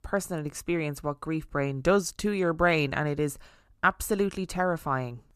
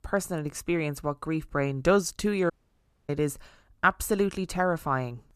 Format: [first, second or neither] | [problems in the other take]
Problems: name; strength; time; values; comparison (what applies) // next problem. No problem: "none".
first | audio cutting out; at 2.5 s for 0.5 s